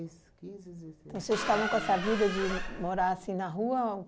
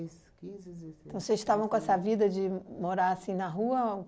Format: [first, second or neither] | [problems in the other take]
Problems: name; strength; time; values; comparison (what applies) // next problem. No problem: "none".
second | background sound (Squeak); 5 dB below the speech